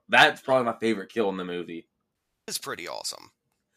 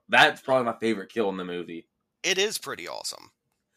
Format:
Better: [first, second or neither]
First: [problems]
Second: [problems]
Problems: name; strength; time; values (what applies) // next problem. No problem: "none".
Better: second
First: audio cutting out; at 2 s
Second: none